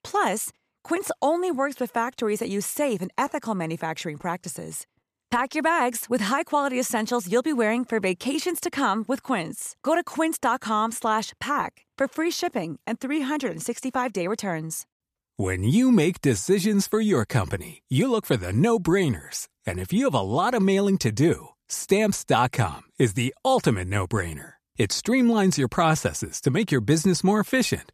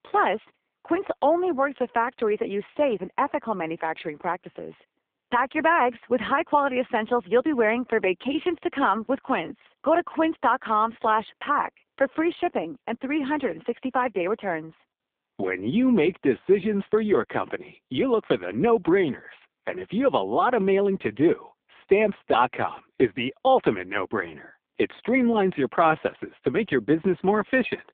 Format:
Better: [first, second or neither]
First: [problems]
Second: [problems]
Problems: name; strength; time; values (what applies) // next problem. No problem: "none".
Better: first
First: none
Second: phone-call audio; poor line